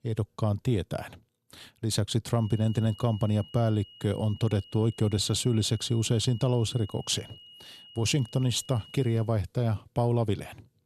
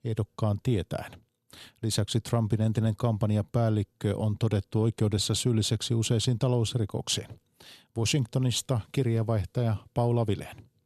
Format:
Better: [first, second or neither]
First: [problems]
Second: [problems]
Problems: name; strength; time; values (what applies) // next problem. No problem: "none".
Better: second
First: high-pitched whine; faint; from 2.5 to 9 s; 3 kHz, 20 dB below the speech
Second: none